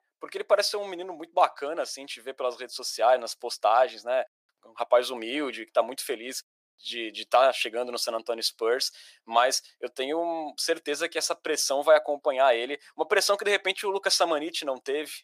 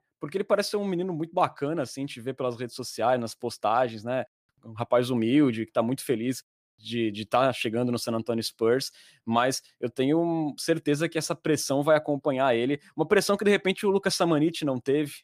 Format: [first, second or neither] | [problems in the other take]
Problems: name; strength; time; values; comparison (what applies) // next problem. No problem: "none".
second | thin; very; fading below 500 Hz